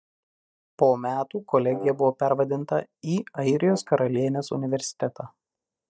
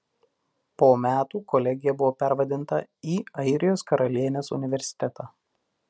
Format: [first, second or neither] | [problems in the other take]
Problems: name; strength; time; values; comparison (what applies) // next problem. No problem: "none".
second | noise reduction (neural mask model DeepFilterNet 3)